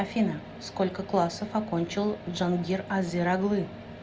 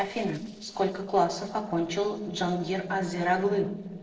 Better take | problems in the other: first | noise reduction (neural separator model SepFormer DNS4)

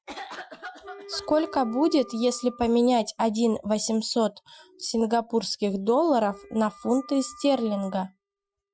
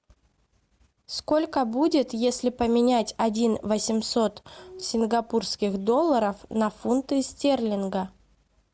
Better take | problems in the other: second | noise reduction (classical method Wiener filter)

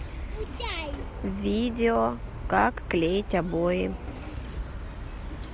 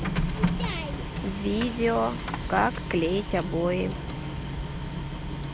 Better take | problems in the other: first | background sound (Printer); 4 dB below the speech

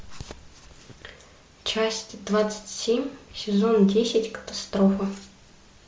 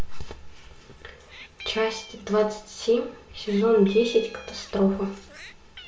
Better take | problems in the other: first | background sound (Meow); 20 dB below the speech // room echo; dies away in 0.2 s

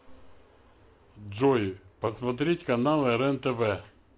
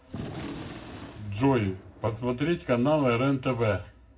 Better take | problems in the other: first | background sound (Gunshot, gunfire); 14 dB below the speech // room echo; dies away in 0.4 s

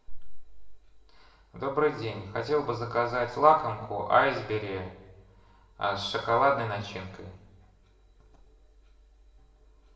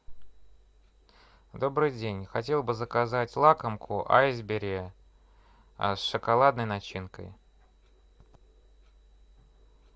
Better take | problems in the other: second | room echo; dies away in 0.7 s

